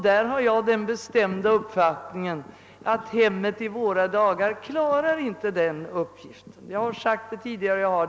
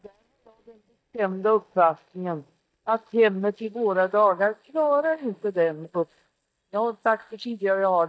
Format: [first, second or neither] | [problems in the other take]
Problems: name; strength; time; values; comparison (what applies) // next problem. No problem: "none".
first | noise reduction (neural mask model DeepFilterNet 3)